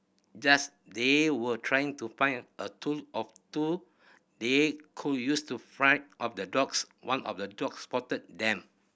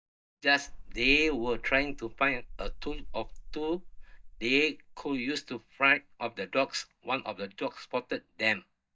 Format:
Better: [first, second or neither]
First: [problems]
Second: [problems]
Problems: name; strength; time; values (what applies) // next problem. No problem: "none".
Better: first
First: none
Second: noise reduction (neural mask model DeepFilterNet 3)